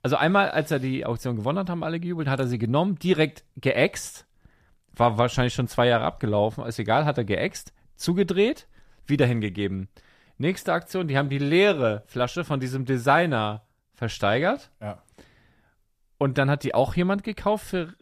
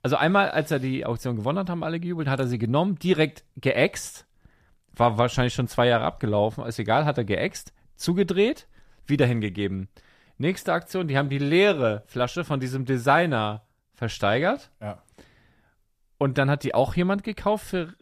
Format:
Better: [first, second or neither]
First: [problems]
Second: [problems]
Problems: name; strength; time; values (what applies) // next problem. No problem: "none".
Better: neither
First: none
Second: none